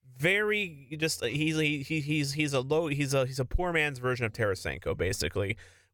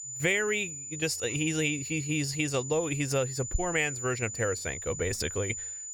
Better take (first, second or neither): first